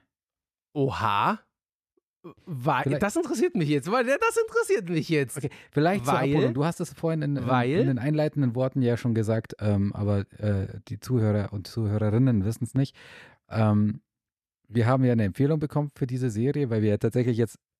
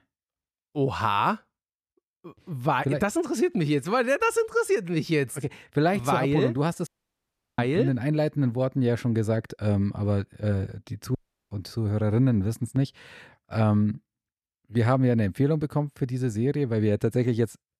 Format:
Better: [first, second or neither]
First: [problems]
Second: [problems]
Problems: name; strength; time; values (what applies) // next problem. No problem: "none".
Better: first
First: none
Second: audio cutting out; at 7 s for 0.5 s and at 11 s